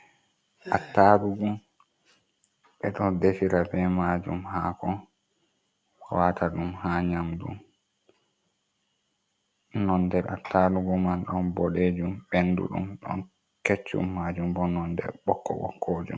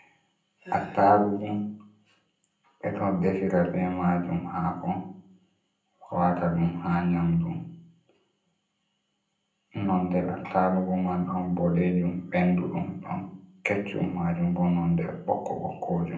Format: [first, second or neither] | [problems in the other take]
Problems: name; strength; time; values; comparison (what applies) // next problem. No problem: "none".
first | room echo; dies away in 0.6 s